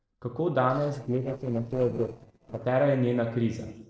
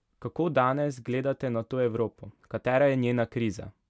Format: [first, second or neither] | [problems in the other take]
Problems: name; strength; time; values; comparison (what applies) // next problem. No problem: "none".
second | noise reduction (neural separator model SepFormer DNS4)